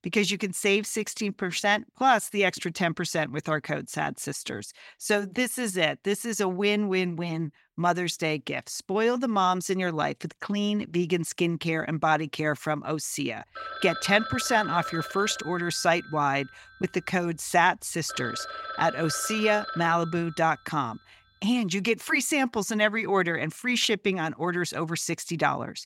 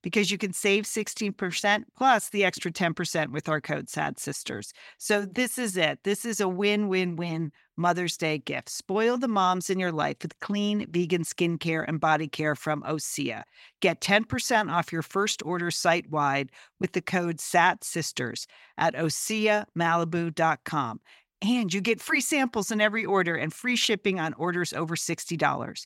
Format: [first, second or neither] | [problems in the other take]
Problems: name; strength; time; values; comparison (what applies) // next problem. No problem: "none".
second | phone ringing; noticeable; from 14 to 20 s; peak 7 dB below the speech